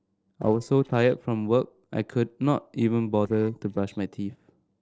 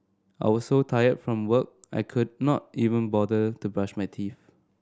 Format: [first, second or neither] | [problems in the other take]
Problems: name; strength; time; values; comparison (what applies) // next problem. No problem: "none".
second | noise reduction (neural separator model SepFormer DNS4)